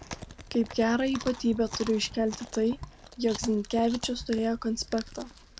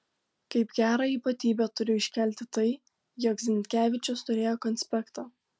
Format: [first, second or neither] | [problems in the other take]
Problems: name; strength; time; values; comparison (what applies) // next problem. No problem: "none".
second | background sound (Chewing, mastication); 14 dB below the speech